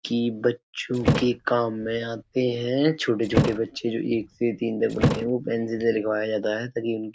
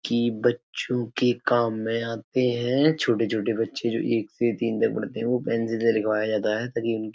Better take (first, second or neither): second